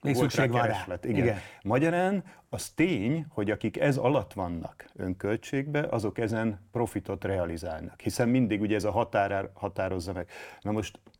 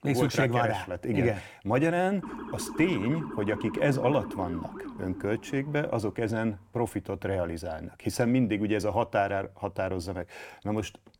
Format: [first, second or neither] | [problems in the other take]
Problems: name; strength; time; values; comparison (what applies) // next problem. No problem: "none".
first | siren; noticeable; from 2 to 6 s; peak 8 dB below the speech